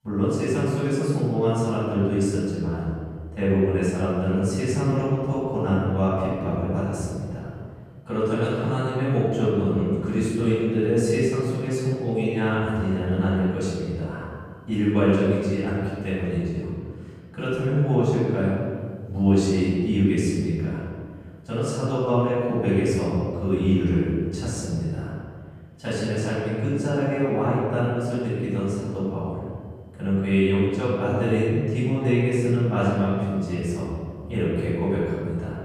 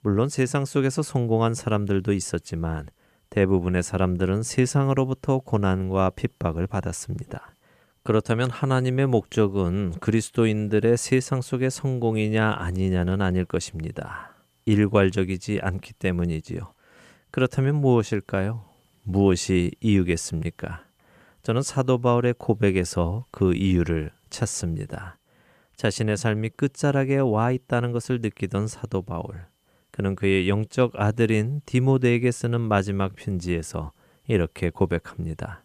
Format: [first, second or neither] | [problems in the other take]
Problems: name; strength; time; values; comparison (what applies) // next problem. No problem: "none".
second | off-mic speech; far // room echo; strong; dies away in 1.8 s